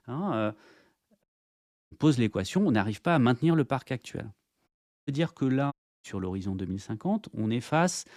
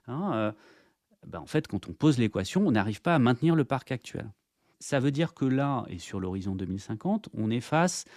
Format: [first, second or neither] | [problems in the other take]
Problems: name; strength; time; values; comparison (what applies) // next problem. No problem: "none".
second | audio cutting out; at 1 s for 0.5 s, at 4.5 s and at 5.5 s